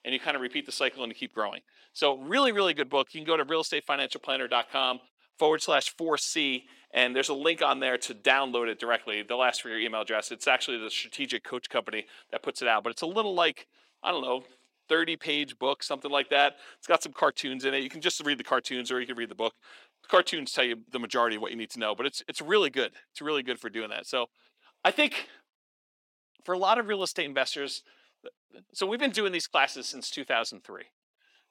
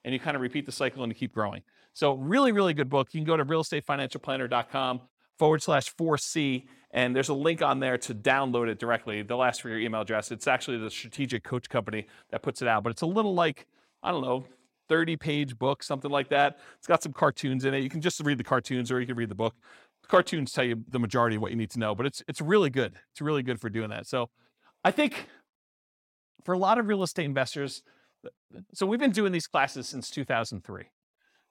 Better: second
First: thin; somewhat; fading below 300 Hz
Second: none

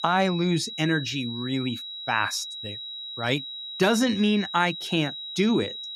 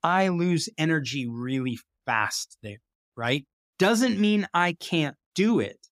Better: second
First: high-pitched whine; loud; throughout; 4 kHz, 8 dB below the speech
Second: none

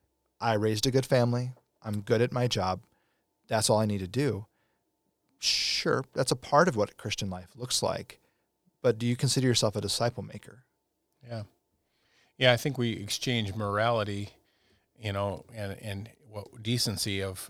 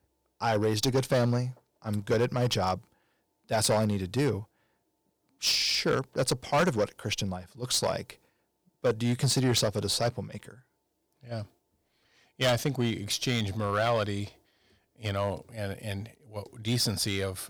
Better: first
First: none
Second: distortion; slight; 4% of the sound clipped

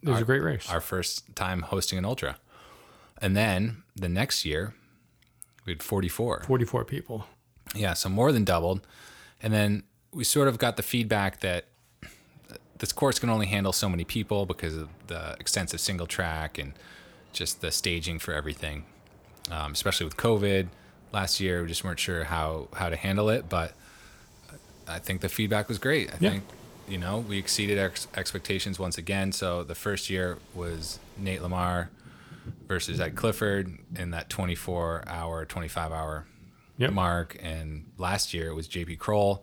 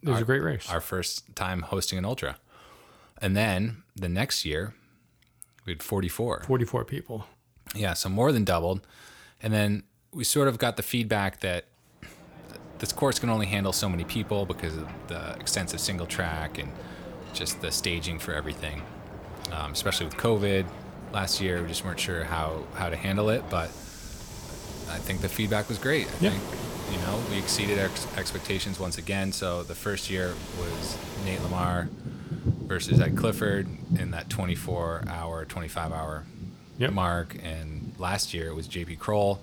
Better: first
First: rain or running water; faint; from 12 s on; 20 dB below the speech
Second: rain or running water; loud; from 12 s on; 7 dB below the speech

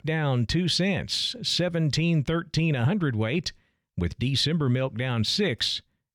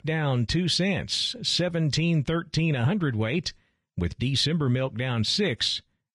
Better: first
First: none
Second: garbled, watery; slightly; nothing above 10.5 kHz

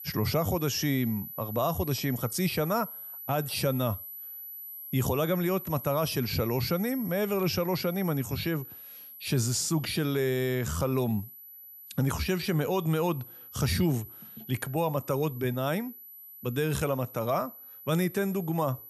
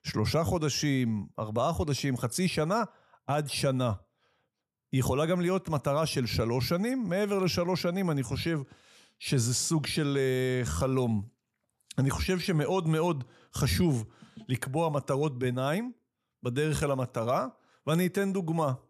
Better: second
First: high-pitched whine; noticeable; throughout; 12 kHz, 10 dB below the speech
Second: none

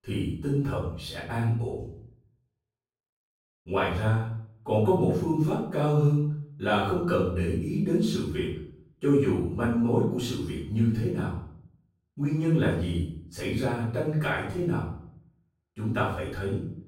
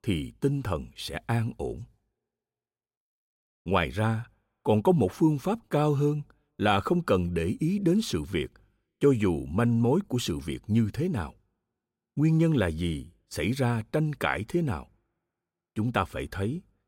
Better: second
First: off-mic speech; far // room echo; noticeable; dies away in 0.5 s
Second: none

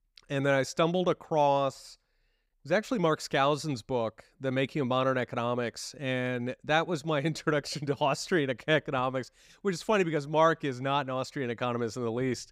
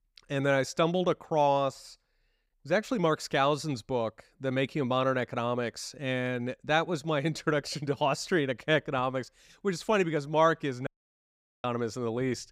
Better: first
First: none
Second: audio cutting out; at 11 s for 1 s

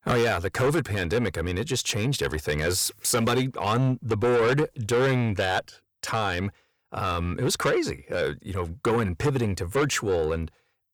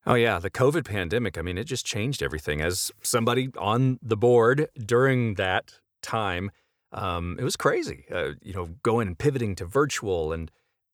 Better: second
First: distortion; heavy; 7 dB below the speech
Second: none

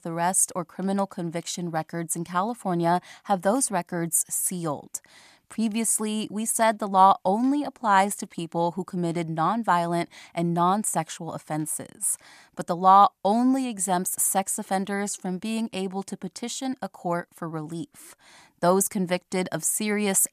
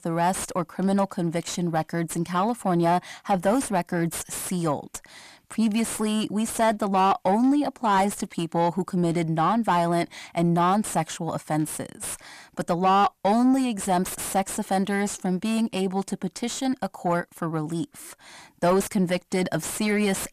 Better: first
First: none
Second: distortion; heavy; 6 dB below the speech

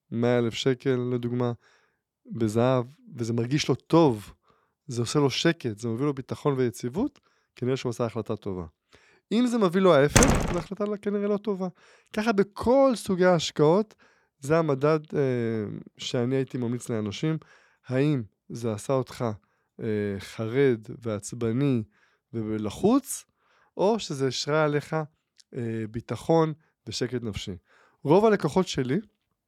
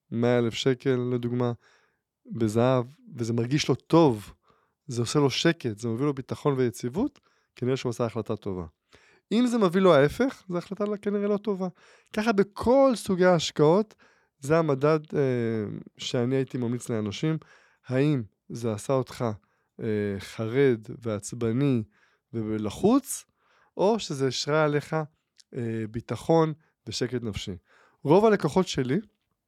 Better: second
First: door banging; loud; at 10 s; peak 6 dB above the speech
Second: none

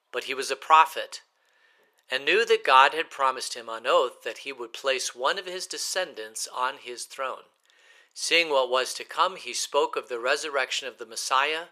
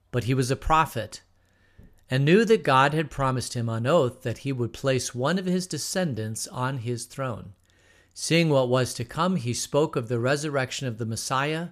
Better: second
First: thin; very; fading below 450 Hz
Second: none

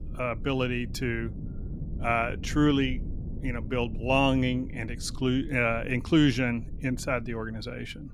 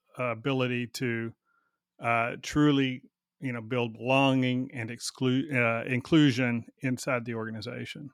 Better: second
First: low rumble; faint; throughout; 20 dB below the speech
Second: none

